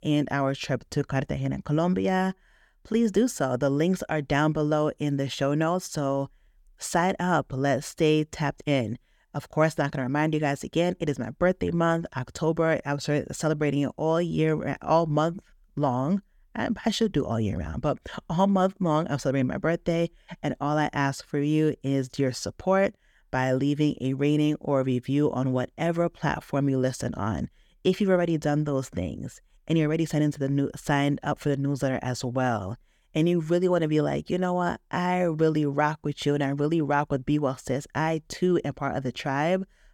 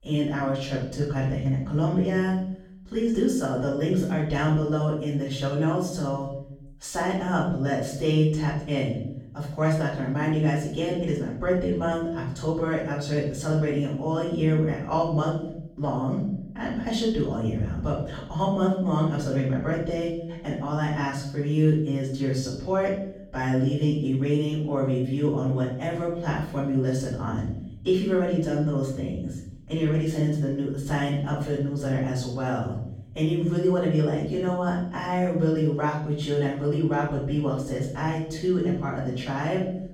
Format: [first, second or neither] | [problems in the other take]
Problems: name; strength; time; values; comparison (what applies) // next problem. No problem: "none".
first | room echo; noticeable; dies away in 0.7 s // off-mic speech; far